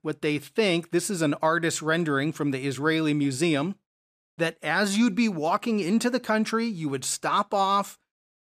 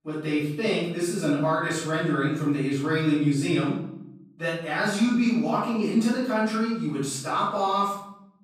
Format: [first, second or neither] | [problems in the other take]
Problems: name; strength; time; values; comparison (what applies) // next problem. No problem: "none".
first | off-mic speech; far // room echo; noticeable; dies away in 0.8 s